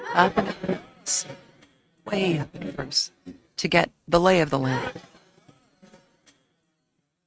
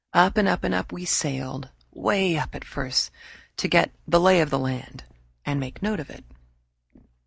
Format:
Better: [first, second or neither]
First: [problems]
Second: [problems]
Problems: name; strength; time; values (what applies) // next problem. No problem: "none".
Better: second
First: noise reduction (neural mask model RNNoise)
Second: none